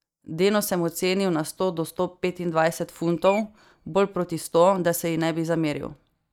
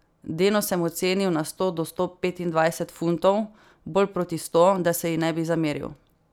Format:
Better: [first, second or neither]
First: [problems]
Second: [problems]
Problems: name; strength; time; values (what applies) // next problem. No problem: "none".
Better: second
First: noise reduction (neural mask model DeepFilterNet 3)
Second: none